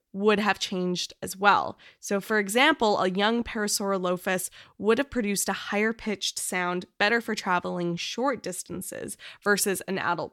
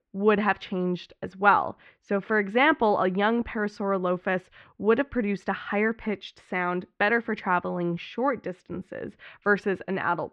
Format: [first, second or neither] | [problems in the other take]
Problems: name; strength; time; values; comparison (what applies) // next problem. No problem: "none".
first | muffled; very; fading above 2.5 kHz